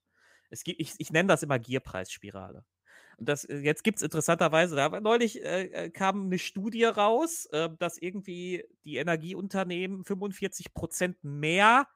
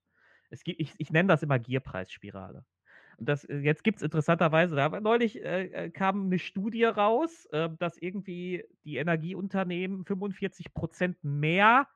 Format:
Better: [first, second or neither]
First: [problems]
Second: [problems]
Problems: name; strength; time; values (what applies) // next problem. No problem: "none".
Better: first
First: none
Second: muffled; very; fading above 2.5 kHz